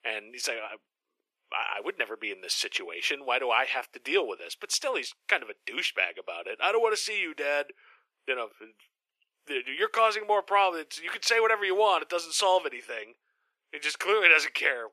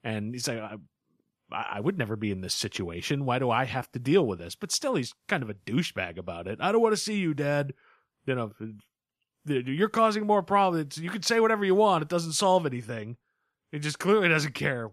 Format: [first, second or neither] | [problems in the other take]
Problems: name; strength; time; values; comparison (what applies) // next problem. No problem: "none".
second | thin; very; fading below 400 Hz